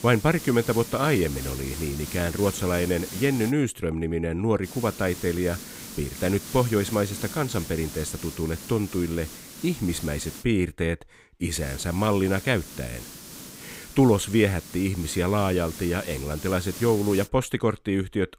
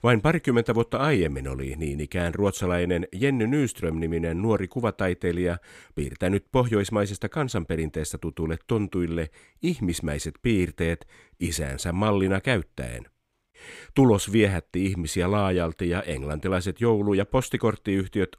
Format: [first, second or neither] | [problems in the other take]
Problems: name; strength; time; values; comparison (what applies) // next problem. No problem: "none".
second | hiss; noticeable; until 3.5 s, from 4.5 to 10 s and from 11 to 17 s; 10 dB below the speech